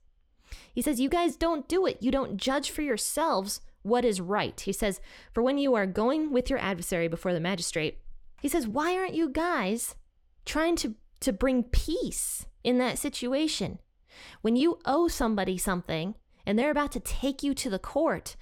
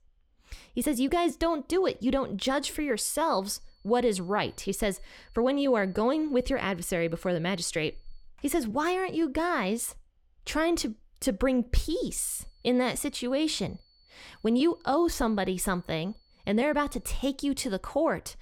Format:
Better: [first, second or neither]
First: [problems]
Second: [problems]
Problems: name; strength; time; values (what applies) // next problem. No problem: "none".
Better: first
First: none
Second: high-pitched whine; faint; from 3.5 to 8 s and from 12 to 17 s; 4.5 kHz, 35 dB below the speech